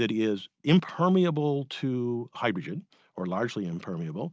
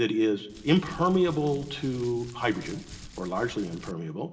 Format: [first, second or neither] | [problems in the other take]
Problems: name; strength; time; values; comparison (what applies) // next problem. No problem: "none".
first | background sound (Crumpling, crinkling); 19 dB below the speech // room echo; dies away in 0.9 s